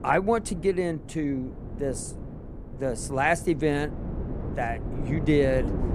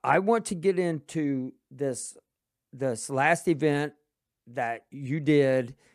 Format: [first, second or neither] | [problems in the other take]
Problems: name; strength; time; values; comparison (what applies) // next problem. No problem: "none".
second | wind noise on the microphone; occasional gusts; 15 dB below the speech